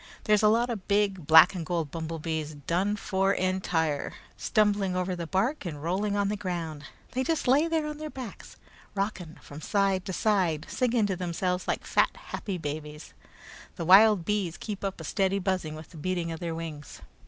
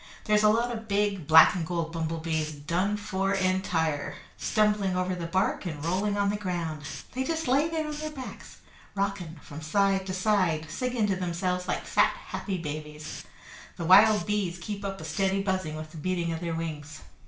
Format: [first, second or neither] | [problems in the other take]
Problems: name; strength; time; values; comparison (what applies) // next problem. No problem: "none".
first | background sound (Hiss); 18 dB below the speech // room echo; dies away in 0.4 s